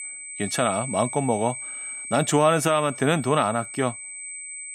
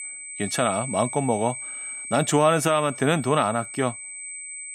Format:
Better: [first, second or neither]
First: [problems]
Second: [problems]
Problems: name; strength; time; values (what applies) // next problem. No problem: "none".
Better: neither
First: high-pitched whine; loud; throughout; 8 kHz, 9 dB below the speech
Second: high-pitched whine; loud; throughout; 8 kHz, 9 dB below the speech